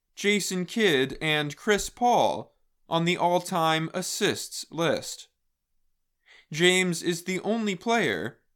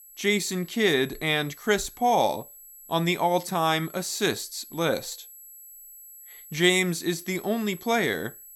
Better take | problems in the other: first | high-pitched whine; noticeable; throughout; 11.5 kHz, 20 dB below the speech

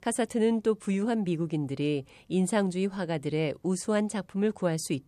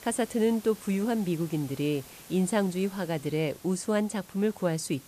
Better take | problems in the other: first | hiss; noticeable; throughout; 20 dB below the speech

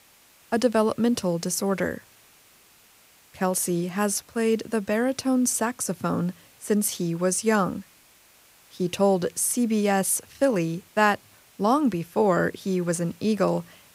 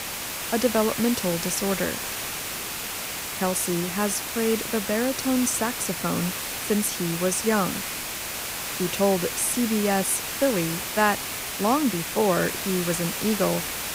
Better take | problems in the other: first | hiss; loud; throughout; 3 dB below the speech; faint in the first

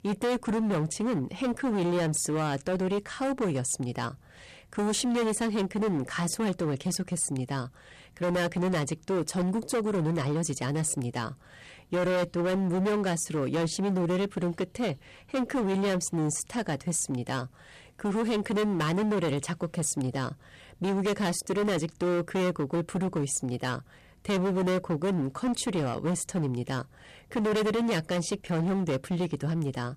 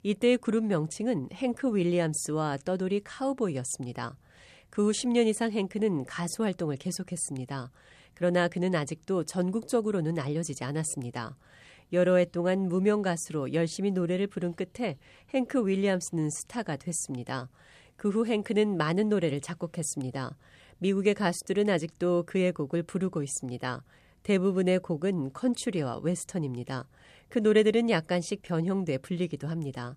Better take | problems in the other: second | distortion; heavy; 21% of the sound clipped

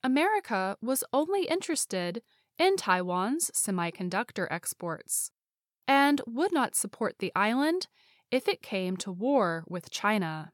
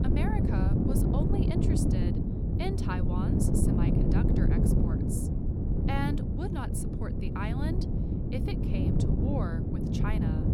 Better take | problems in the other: first | wind noise on the microphone; heavy; 3 dB above the speech

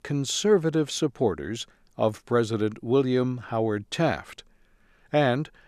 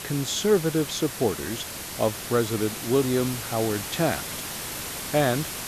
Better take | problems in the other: first | hiss; loud; throughout; 6 dB below the speech

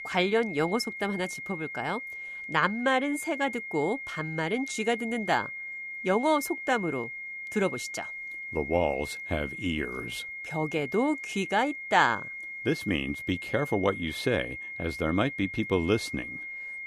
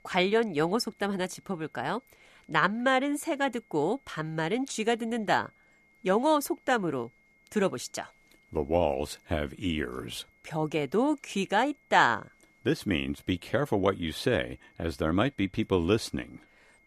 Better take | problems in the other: second | high-pitched whine; loud; throughout; 2 kHz, 7 dB below the speech; faint in the second

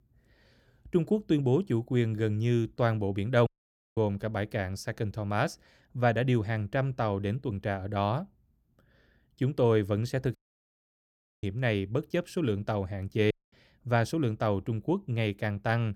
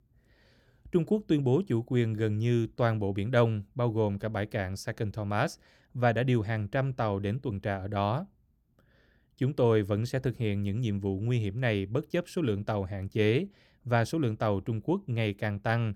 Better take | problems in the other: second | audio cutting out; at 3.5 s for 0.5 s, at 10 s for 1 s and at 13 s

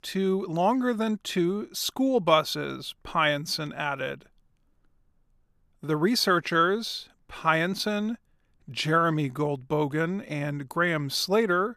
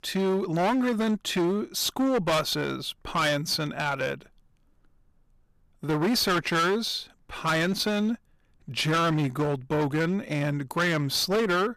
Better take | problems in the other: first | distortion; heavy; 15% of the sound clipped

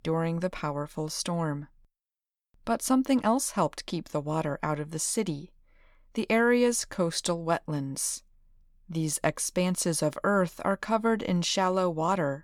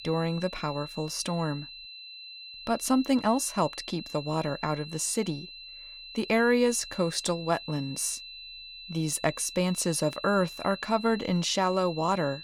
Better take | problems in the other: first | high-pitched whine; noticeable; throughout; 4 kHz, 15 dB below the speech

